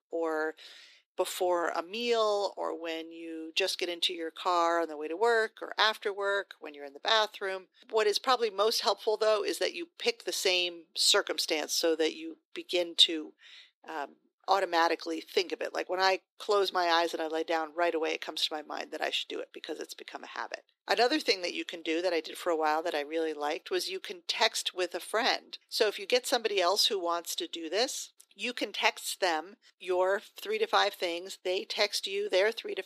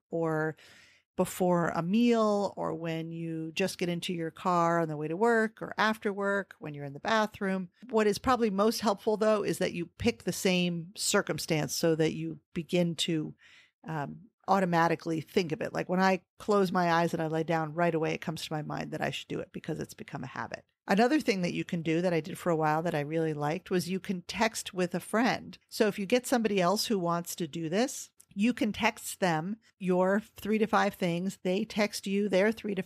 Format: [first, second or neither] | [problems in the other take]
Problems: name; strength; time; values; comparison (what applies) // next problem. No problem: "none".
second | thin; very; fading below 300 Hz